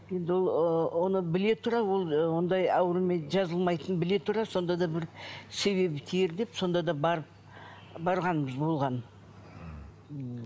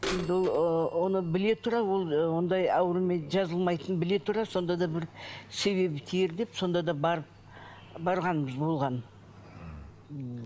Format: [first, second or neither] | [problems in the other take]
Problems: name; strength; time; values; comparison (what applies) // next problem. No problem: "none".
first | background sound (Bird vocalization, bird call, bird song / Telephone); 18 dB below the speech